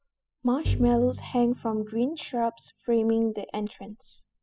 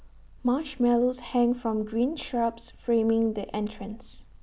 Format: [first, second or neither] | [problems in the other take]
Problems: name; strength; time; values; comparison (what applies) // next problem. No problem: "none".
second | noise reduction (classical method spectral subtraction)